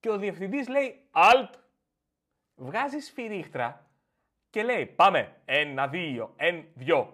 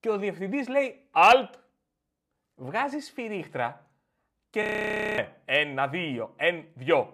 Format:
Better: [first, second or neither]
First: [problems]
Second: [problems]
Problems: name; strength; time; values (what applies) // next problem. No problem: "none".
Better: first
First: none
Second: audio freezing; at 4.5 s for 0.5 s